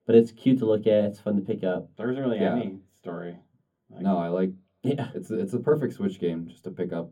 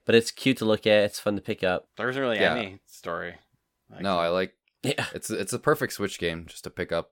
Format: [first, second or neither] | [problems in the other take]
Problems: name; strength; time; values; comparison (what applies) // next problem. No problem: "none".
second | room echo; very slight; dies away in 0.3 s // off-mic speech; far